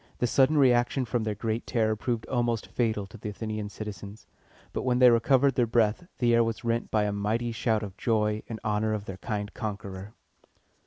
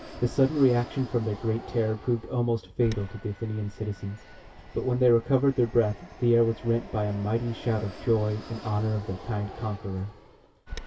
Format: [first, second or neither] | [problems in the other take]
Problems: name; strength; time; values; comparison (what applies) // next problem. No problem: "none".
first | background sound (Fixed-wing aircraft, airplane); 16 dB below the speech // room echo; dies away in 0.1 s